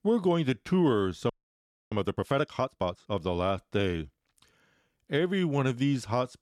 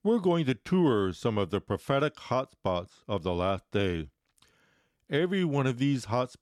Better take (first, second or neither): second